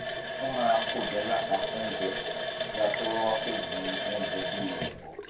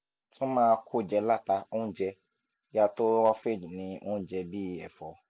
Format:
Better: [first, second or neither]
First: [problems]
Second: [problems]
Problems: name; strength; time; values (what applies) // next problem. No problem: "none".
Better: second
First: background sound (Water tap, faucet); as loud as the speech // room echo; dies away in 0.3 s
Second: none